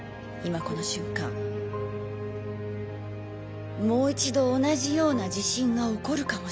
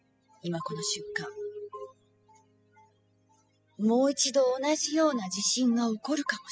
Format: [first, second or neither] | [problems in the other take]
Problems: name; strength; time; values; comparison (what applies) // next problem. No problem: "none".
first | noise reduction (classical method spectral subtraction)